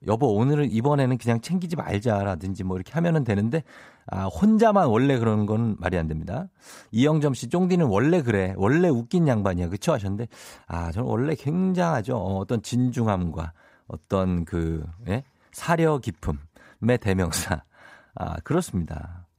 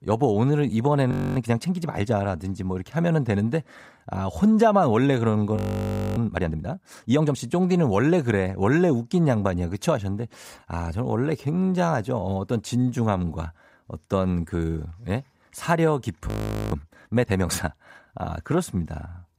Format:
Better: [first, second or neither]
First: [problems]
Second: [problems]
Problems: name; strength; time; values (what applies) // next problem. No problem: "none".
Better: first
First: none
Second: audio freezing; at 1 s, at 5.5 s for 0.5 s and at 16 s